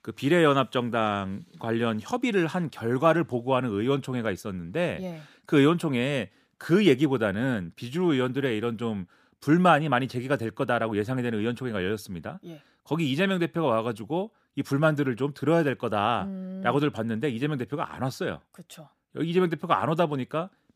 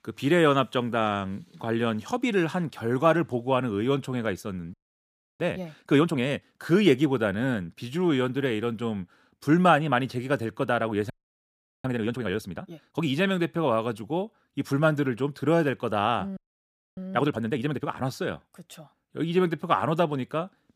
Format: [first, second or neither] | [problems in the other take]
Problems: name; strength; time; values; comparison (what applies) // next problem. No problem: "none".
first | audio freezing; at 4.5 s for 0.5 s, at 11 s for 0.5 s and at 16 s for 0.5 s